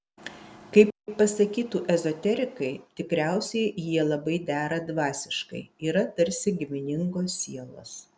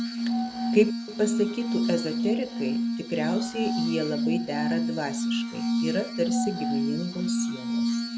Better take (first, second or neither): first